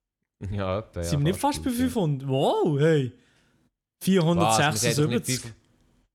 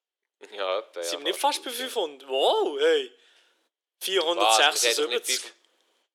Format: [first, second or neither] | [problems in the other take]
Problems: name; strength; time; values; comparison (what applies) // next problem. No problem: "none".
first | thin; very; fading below 400 Hz